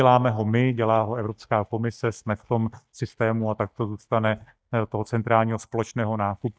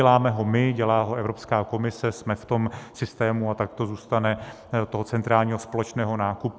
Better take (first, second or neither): second